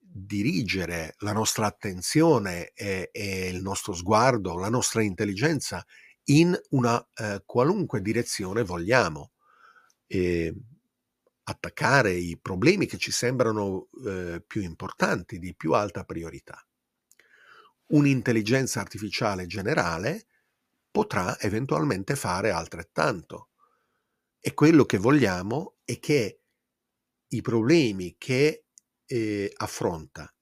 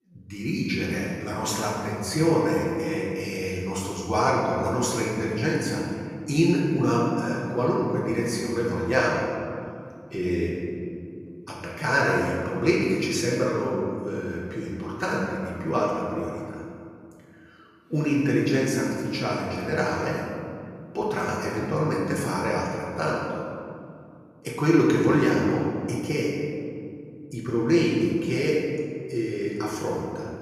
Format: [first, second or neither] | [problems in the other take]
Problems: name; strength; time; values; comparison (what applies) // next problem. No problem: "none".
first | room echo; noticeable; dies away in 2.1 s // off-mic speech; far